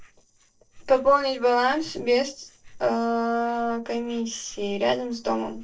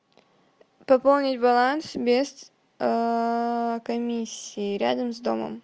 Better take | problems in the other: second | noise reduction (neural separator model SepFormer DNS4)

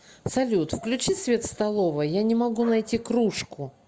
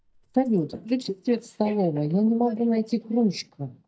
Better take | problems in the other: first | noise reduction (neural mask model DeepFilterNet 3)

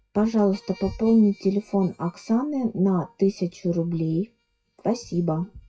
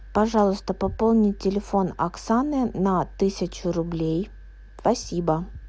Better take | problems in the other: second | noise reduction (classical method WPE with log-MMSE)

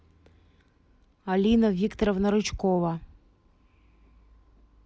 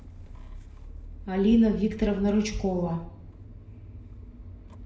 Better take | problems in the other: first | background sound (Engine starting / Motor vehicle (road)); 14 dB below the speech // room echo; dies away in 0.5 s

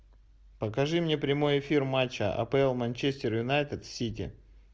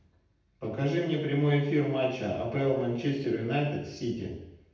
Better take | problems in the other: first | room echo; dies away in 0.8 s

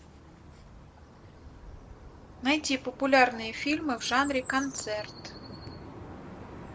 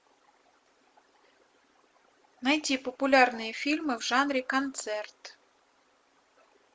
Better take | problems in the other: second | background sound (Chirp, tweet); 14 dB below the speech

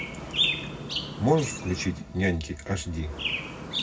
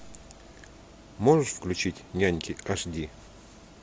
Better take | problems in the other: second | background sound (Chirp, tweet); 3 dB below the speech // room echo; dies away in 0.4 s

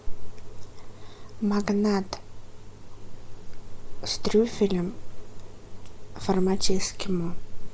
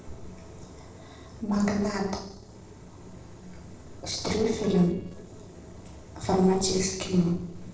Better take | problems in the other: first | noise reduction (neural separator model SepFormer DNS4)

